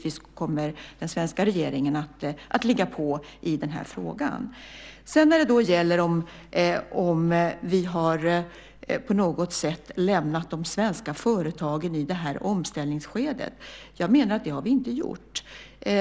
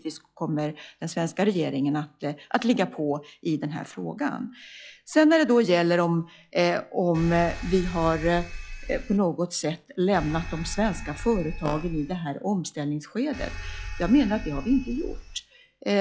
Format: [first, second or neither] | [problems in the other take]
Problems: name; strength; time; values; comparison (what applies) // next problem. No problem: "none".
first | noise reduction (classical method log-MMSE)